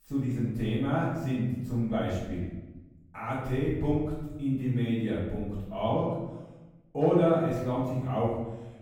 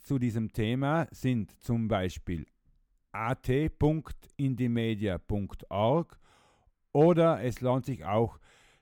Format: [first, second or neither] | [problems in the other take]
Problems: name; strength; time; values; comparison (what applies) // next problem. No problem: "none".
second | off-mic speech; far // room echo; noticeable; dies away in 1 s